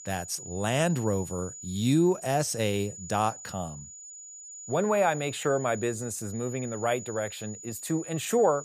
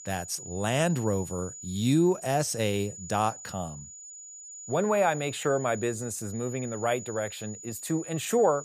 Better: neither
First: high-pitched whine; noticeable; throughout; 7 kHz, 10 dB below the speech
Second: high-pitched whine; noticeable; throughout; 7 kHz, 10 dB below the speech

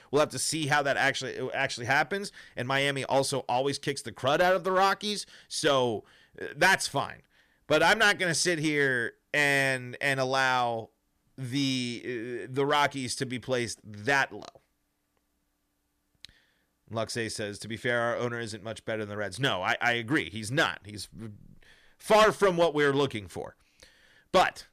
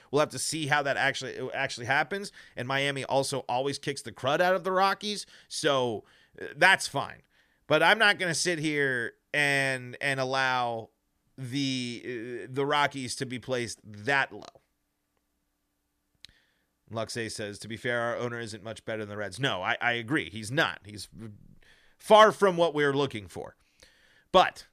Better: second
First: distortion; slight; 2% of the sound clipped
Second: none

